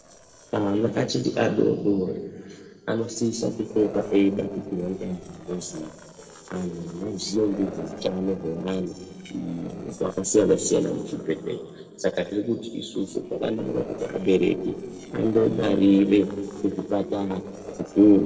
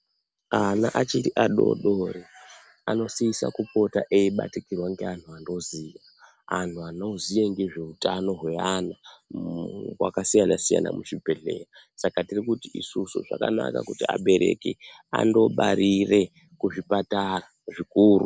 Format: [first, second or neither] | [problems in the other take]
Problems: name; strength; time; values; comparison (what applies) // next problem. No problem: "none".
second | noise reduction (neural separator model SepFormer DNS4)